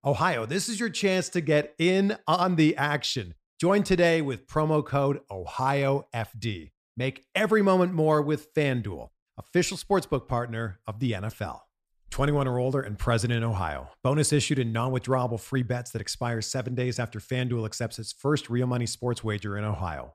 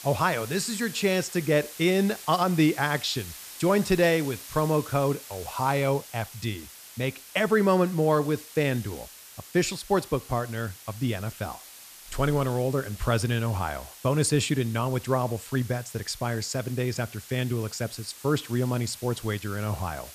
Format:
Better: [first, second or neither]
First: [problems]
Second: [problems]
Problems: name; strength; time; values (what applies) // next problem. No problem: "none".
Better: first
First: none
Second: hiss; noticeable; throughout; 15 dB below the speech